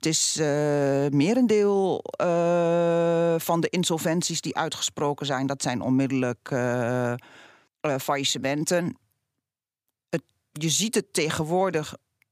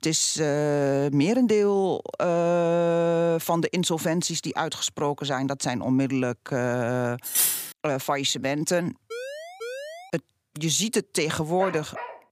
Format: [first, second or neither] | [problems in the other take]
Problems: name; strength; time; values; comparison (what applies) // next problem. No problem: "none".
first | clattering dishes; loud; at 7.5 s; peak 4 dB above the speech // siren; faint; from 9 to 10 s; peak 10 dB below the speech // dog barking; faint; at 12 s; peak 10 dB below the speech